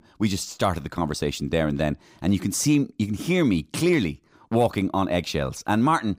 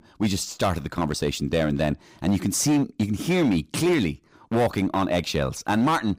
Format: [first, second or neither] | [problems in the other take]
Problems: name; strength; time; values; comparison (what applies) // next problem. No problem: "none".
first | distortion; slight; 8% of the sound clipped